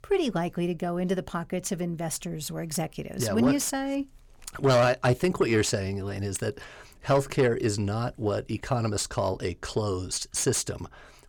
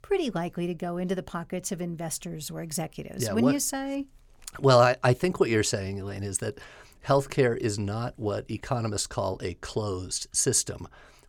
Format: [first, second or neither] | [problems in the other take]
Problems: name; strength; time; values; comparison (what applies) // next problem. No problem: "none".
second | distortion; slight; 10 dB below the speech